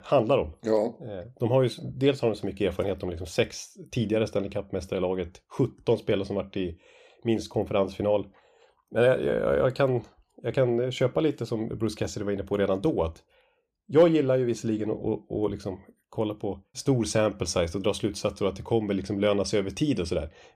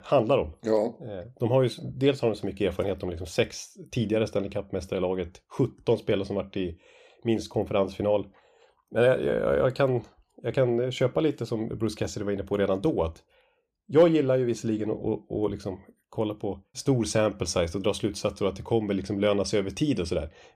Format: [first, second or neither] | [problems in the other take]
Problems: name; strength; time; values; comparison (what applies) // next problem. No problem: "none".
neither | none